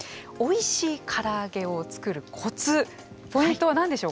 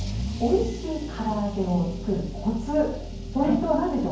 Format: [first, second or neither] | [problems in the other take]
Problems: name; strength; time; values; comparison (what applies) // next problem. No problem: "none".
first | background sound (Engine starting / Accelerating, revving, vroom / Car); 8 dB below the speech // room echo; dies away in 0.9 s